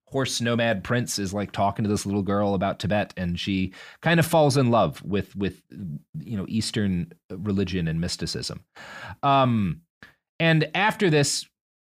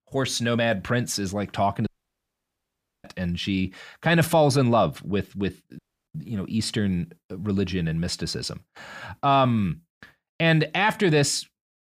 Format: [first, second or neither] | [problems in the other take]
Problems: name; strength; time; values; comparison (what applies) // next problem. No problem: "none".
first | audio cutting out; at 2 s for 1 s and at 6 s